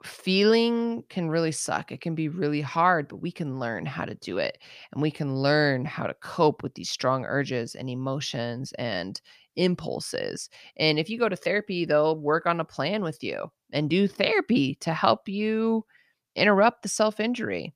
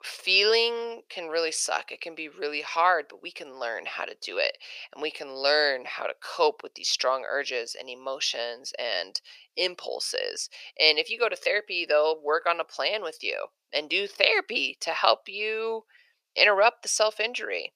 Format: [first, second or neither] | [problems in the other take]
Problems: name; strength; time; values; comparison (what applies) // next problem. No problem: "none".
first | thin; very; fading below 500 Hz